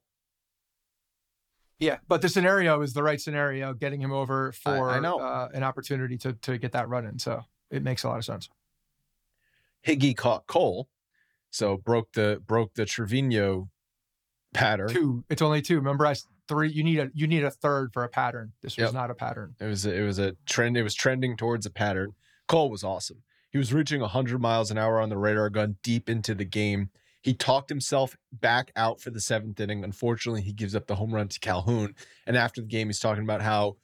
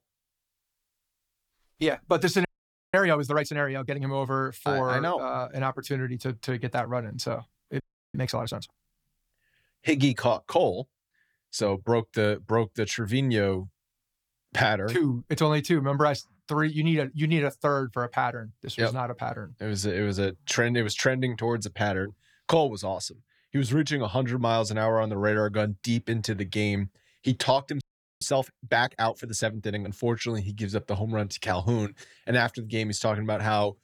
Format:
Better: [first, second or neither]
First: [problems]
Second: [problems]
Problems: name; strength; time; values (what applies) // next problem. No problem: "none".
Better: first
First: none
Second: audio freezing; at 2.5 s, at 8 s and at 28 s